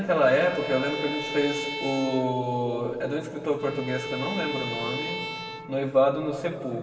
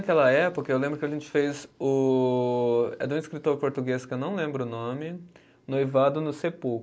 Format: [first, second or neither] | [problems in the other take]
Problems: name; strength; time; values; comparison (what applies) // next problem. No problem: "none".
second | background sound (Bowed string instrument); 9 dB below the speech // room echo; dies away in 2.8 s